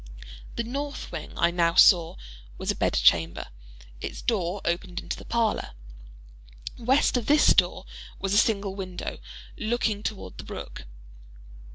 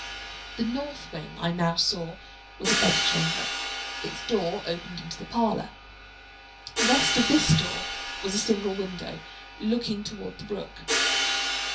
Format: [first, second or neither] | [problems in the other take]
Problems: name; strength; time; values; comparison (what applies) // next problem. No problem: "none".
first | background sound (Hi-hat); 2 dB below the speech // room echo; dies away in 0.3 s